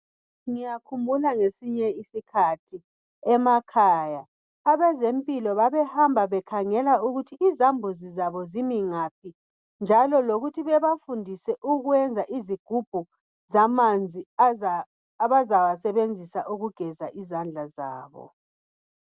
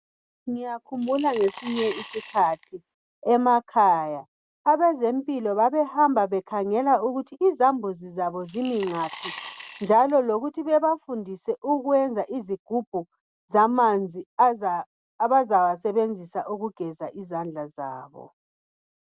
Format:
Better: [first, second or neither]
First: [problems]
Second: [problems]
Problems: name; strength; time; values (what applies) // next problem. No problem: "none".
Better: first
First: none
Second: background sound (Coin (dropping) / Glass); 17 dB below the speech